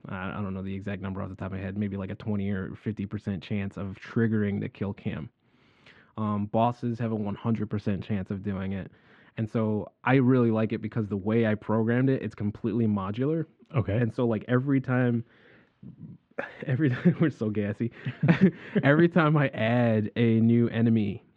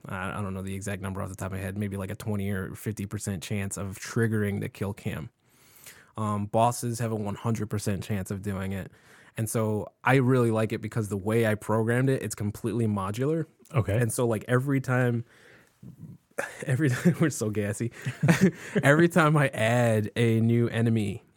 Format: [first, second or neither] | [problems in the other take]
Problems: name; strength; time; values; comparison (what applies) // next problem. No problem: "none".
second | muffled; very; fading above 3.5 kHz